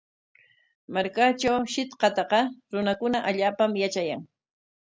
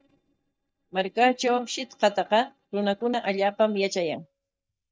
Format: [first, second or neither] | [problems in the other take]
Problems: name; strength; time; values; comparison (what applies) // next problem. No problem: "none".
first | noise reduction (neural mask model DeepFilterNet 3)